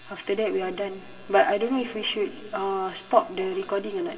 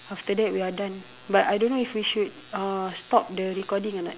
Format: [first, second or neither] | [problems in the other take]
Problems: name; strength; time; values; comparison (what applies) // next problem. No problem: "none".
second | room echo; dies away in 2.4 s